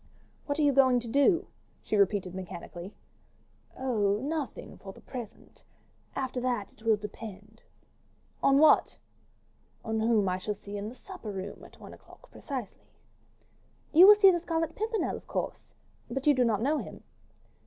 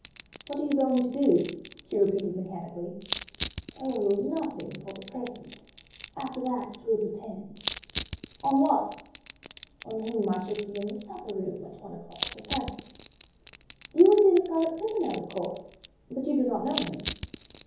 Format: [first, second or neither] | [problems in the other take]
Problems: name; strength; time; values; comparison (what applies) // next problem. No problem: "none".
first | background sound (Crushing); 13 dB below the speech // room echo; dies away in 0.7 s